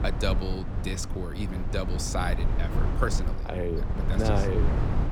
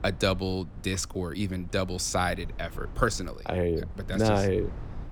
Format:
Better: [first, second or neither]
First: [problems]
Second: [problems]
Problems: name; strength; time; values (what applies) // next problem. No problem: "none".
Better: second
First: low rumble; loud; throughout; 5 dB below the speech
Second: low rumble; faint; throughout; 20 dB below the speech